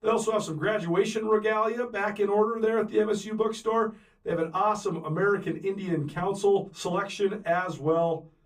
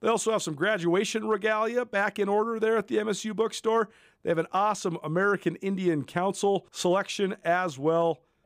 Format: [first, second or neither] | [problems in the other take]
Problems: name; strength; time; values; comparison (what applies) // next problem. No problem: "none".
second | off-mic speech; far // room echo; very slight; dies away in 0.2 s